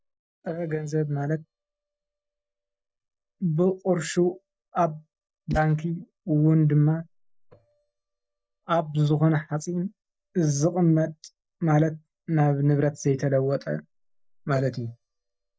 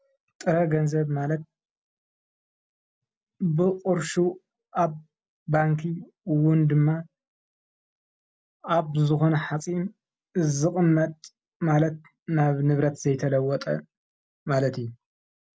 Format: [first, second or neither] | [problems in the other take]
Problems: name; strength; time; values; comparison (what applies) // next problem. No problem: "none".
second | noise reduction (neural mask model DeepFilterNet 3)